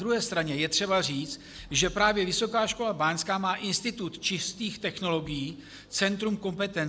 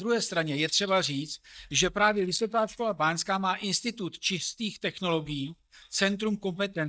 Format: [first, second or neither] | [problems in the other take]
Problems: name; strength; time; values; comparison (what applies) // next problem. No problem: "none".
first | noise reduction (neural mask model DeepFilterNet 3)